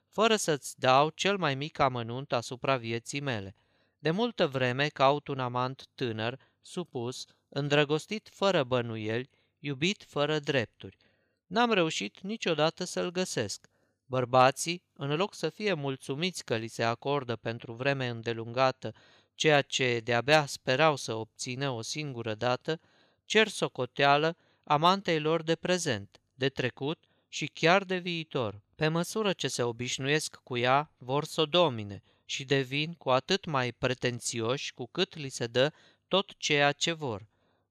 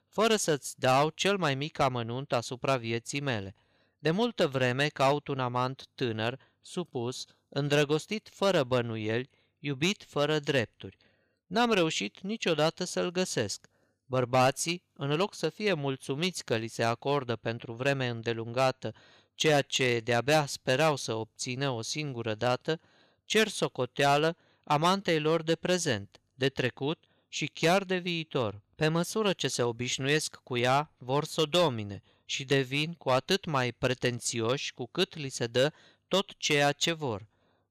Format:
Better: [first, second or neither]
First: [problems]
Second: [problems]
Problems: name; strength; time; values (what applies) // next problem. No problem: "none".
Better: first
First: none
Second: distortion; slight; 2% of the sound clipped